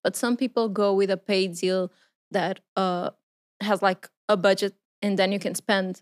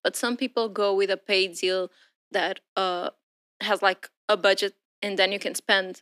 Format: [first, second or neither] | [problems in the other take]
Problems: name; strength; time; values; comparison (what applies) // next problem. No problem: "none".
first | thin; somewhat; fading below 300 Hz